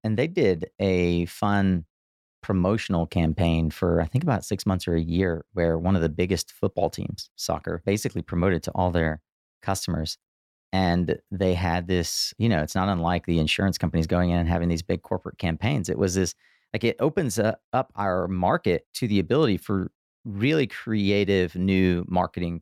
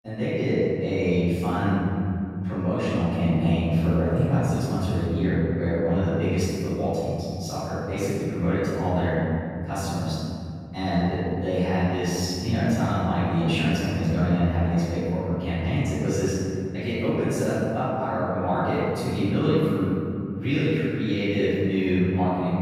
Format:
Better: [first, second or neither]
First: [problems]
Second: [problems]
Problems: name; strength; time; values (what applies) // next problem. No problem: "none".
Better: first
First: none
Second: off-mic speech; far // room echo; strong; dies away in 3 s